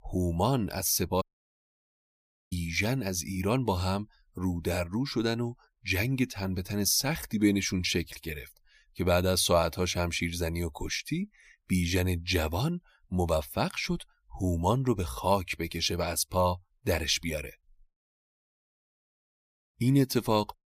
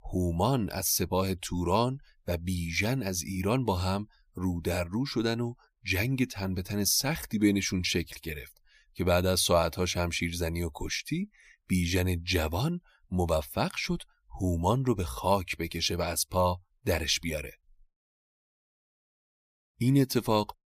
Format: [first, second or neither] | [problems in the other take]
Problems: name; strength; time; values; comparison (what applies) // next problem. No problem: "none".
second | audio cutting out; at 1 s for 1.5 s